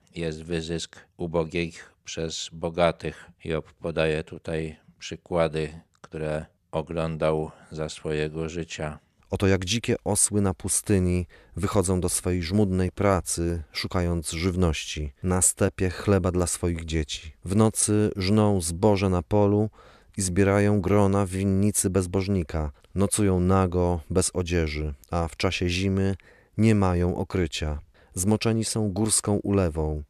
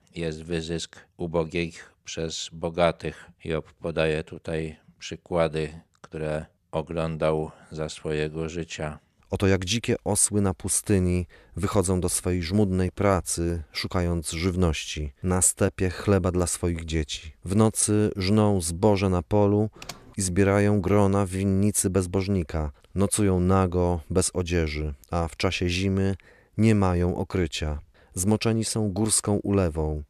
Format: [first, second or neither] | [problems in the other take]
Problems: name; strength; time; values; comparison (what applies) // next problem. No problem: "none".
first | keyboard typing; faint; at 20 s; peak 15 dB below the speech